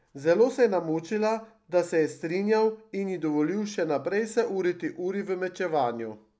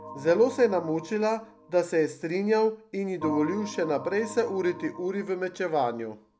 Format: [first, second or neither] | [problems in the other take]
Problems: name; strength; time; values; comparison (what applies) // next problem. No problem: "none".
first | background sound (Organ); 16 dB below the speech